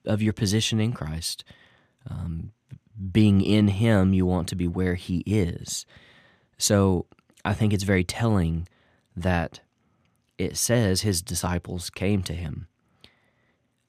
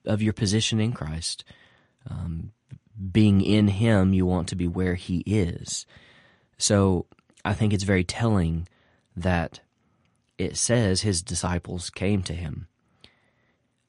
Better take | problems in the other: first | garbled, watery; slightly; nothing above 10.5 kHz

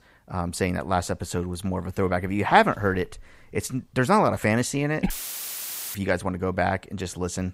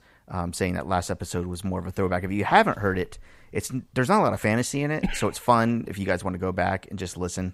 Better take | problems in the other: second | audio cutting out; filled with static; at 5 s for 1 s

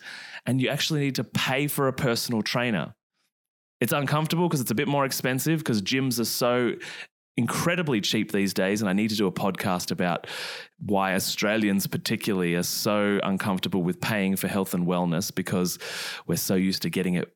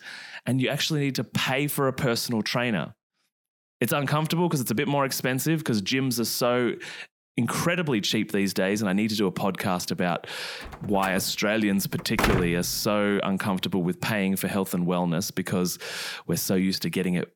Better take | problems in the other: first | door banging; loud; from 11 to 13 s; peak 1 dB above the speech

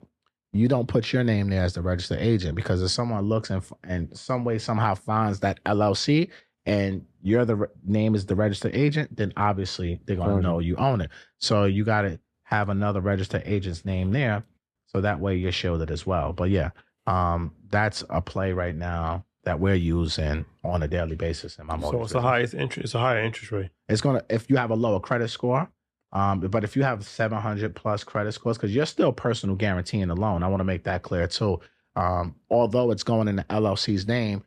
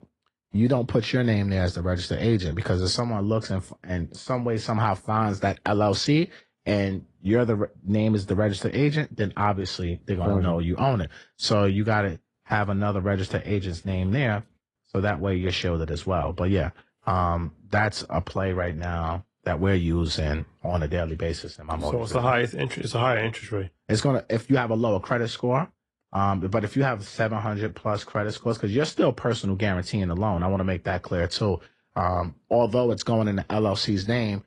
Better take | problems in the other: first | garbled, watery; slightly

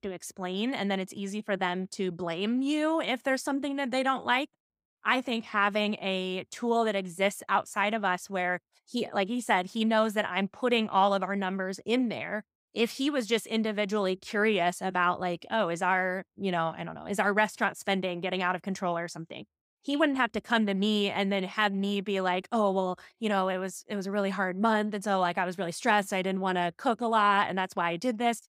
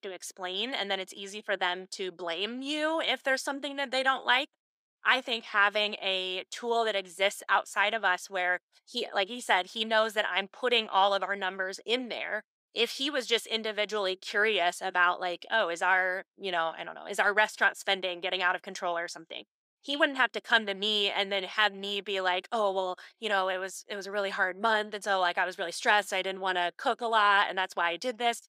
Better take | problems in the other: first | thin; somewhat; fading below 450 Hz

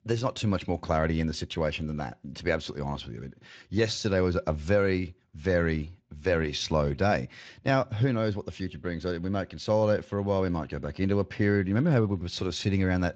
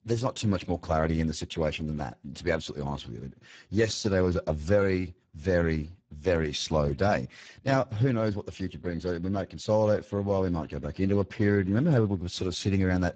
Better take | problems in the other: first | garbled, watery; badly; nothing above 7.5 kHz; slightly in the first

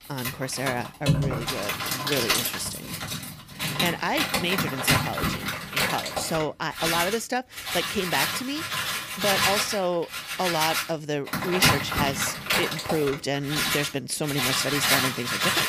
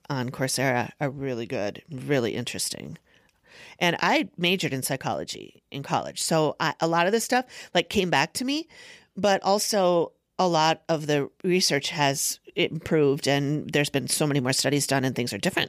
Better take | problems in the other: second | household noises; very loud; throughout; 3 dB above the speech

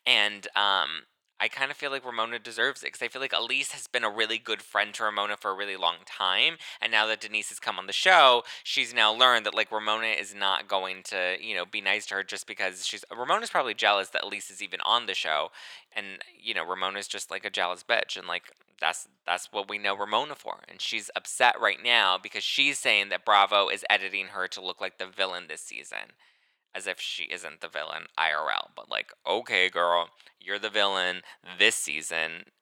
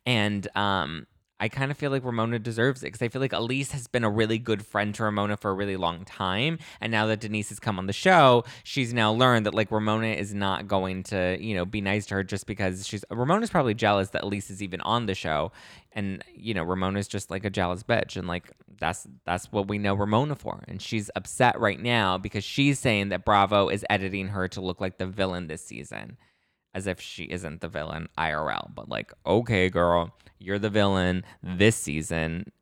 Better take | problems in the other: second | thin; very; fading below 700 Hz

